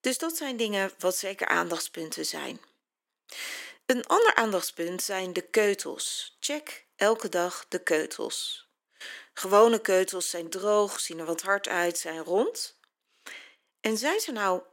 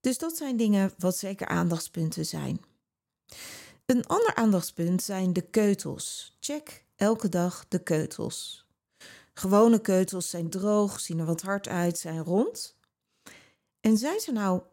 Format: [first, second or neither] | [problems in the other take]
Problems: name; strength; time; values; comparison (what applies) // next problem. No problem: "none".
second | thin; somewhat; fading below 300 Hz